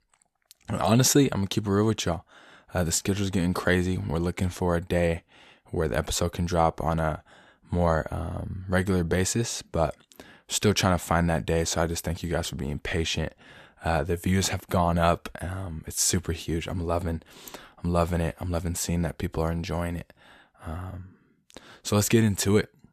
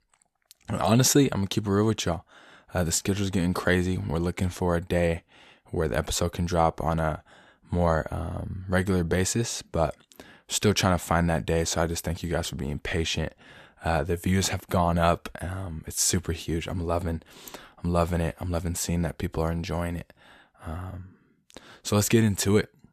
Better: neither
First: none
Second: none

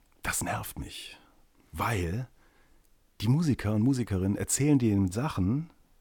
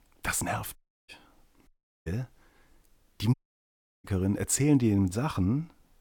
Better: first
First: none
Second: audio cutting out; at 1 s, at 1.5 s and at 3.5 s for 0.5 s

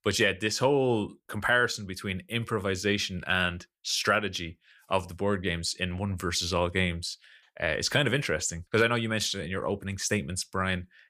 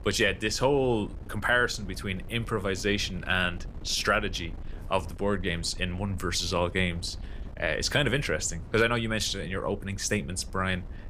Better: first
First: none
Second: wind noise on the microphone; occasional gusts; 25 dB below the speech

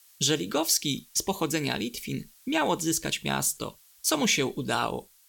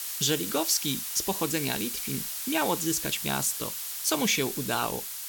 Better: first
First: hiss; faint; throughout; 25 dB below the speech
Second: hiss; loud; throughout; 3 dB below the speech

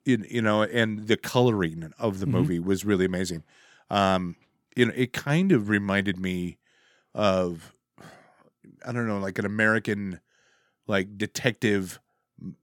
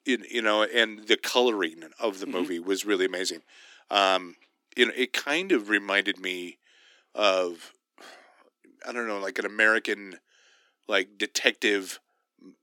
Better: first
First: none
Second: thin; somewhat; fading below 300 Hz

